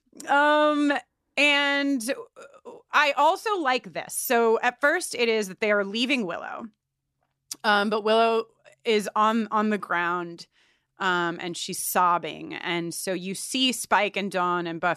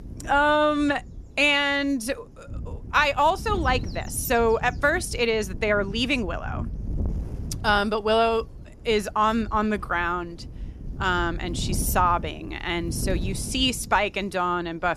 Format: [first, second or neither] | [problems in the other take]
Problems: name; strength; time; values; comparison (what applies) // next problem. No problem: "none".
first | wind noise on the microphone; occasional gusts; 25 dB below the speech